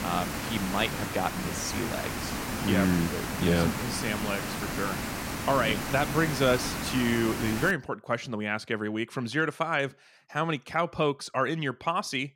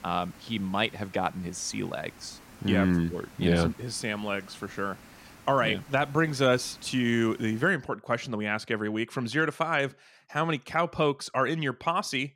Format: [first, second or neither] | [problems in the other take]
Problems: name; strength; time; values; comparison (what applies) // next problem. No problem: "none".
second | hiss; loud; until 7.5 s; 4 dB below the speech; faint in the second